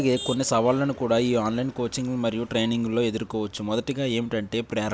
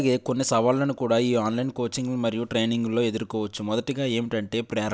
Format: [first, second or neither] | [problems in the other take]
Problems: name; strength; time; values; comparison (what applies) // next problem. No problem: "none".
second | background sound (Motor vehicle (road)); 20 dB below the speech